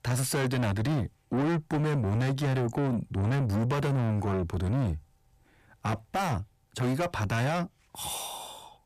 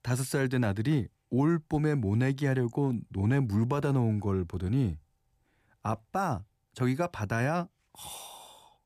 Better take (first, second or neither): second